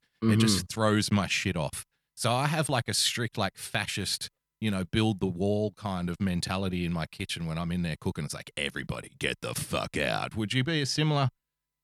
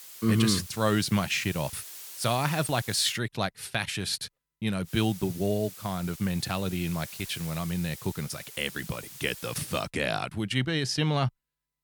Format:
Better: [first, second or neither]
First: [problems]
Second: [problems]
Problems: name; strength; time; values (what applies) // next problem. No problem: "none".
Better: first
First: none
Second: hiss; noticeable; until 3 s and from 5 to 10 s; 15 dB below the speech